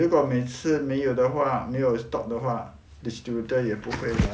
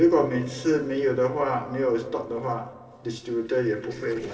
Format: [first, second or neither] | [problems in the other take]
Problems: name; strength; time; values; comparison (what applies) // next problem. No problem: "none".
first | noise reduction (neural separator model SepFormer DNS4)